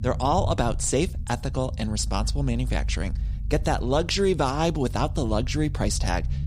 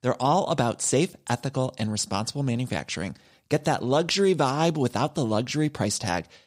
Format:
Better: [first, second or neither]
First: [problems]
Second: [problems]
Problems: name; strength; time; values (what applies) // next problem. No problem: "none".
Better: second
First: low rumble; faint; throughout; 20 dB below the speech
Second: none